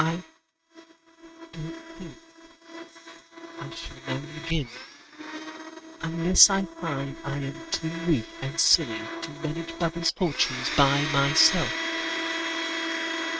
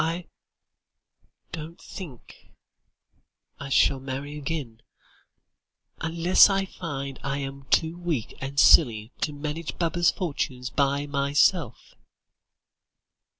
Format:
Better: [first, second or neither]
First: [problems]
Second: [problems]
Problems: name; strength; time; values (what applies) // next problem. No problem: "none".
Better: second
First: noise reduction (neural mask model RNNoise)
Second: none